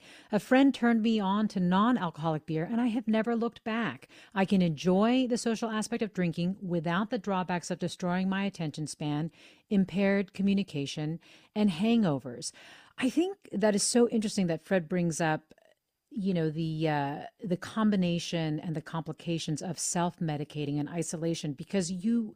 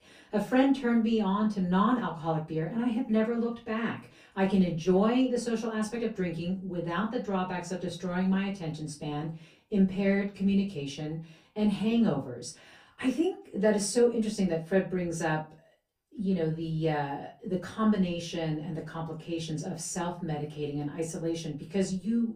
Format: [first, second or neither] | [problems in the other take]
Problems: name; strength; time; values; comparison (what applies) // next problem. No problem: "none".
first | off-mic speech; far // room echo; very slight; dies away in 0.2 s